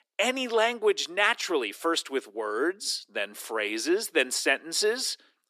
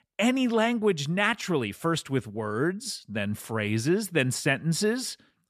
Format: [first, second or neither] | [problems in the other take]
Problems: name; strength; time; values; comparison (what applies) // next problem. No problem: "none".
second | thin; very; fading below 300 Hz